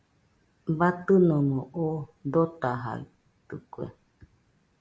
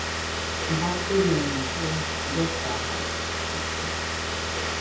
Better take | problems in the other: first | background sound (Car); 2 dB above the speech // room echo; dies away in 0.6 s

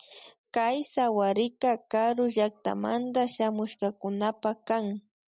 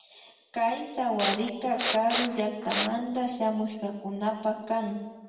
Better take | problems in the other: first | background sound (Respiratory sounds); 3 dB below the speech // room echo; dies away in 1.1 s

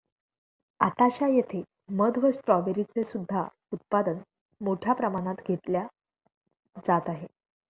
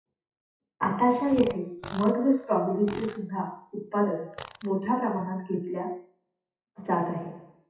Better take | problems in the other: first | noise reduction (classical method WPE with log-MMSE)

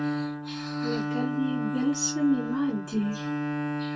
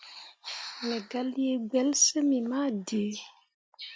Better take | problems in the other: second | background sound (Bowed string instrument); 1 dB below the speech // room echo; dies away in 0.2 s

